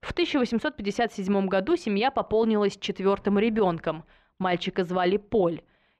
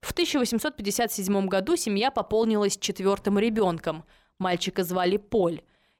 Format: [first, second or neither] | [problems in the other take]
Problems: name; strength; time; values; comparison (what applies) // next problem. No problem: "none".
second | muffled; slightly; fading above 2.5 kHz